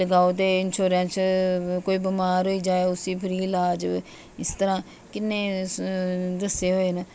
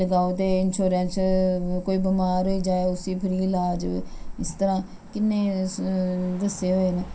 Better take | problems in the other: first | background sound (Motor vehicle (road)); 10 dB below the speech // room echo; dies away in 0.3 s

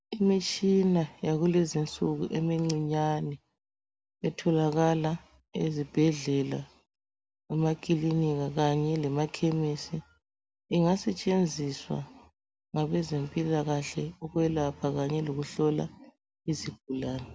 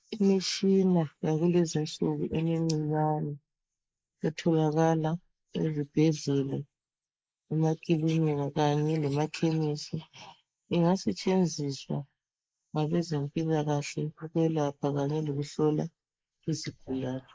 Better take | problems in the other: first | noise reduction (neural mask model Resemble Enhance denoiser)

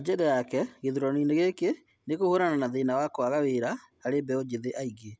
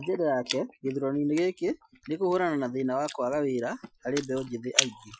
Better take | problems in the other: first | noise reduction (classical method Wiener filter)

